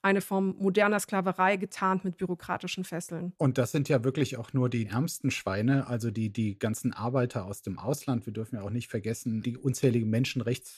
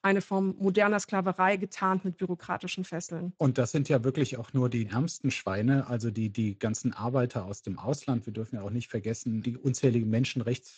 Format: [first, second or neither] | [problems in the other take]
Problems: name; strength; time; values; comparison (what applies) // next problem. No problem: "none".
first | garbled, watery; slightly; nothing above 7.5 kHz